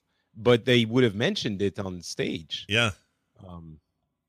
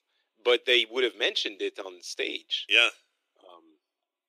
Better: first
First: none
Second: thin; very; fading below 300 Hz

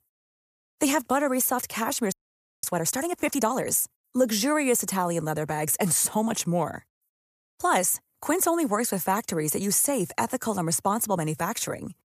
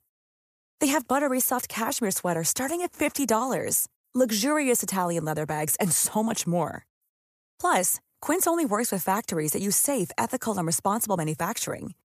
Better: second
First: audio freezing; at 2 s for 0.5 s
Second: none

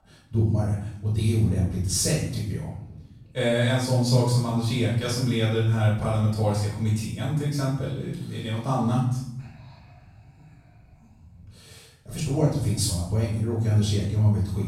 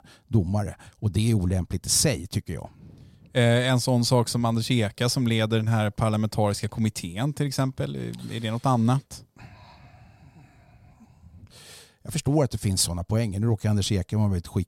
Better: second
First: off-mic speech; far // room echo; noticeable; dies away in 0.7 s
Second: none

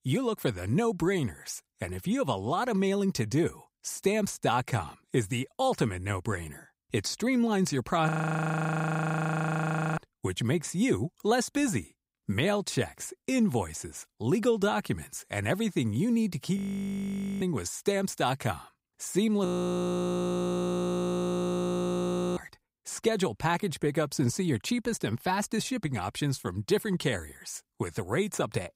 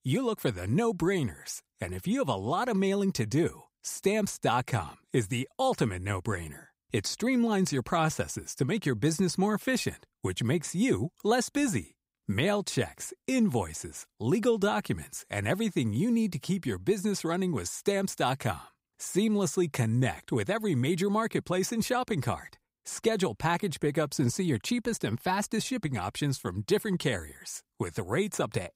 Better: second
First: audio freezing; at 8 s for 2 s, at 17 s for 1 s and at 19 s for 3 s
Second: none

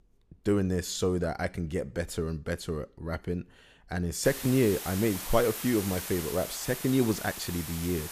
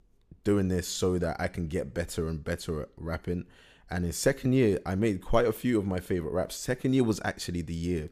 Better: second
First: hiss; loud; from 4 s on; 7 dB below the speech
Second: none

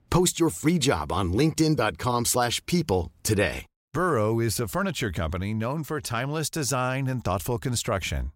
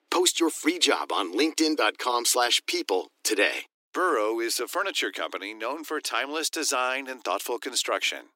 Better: first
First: none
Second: thin; very; fading below 300 Hz

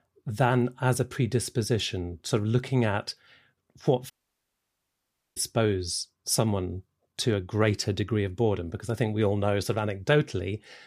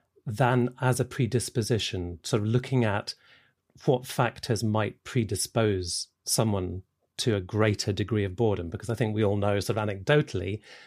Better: second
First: audio cutting out; at 4 s for 1.5 s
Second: none

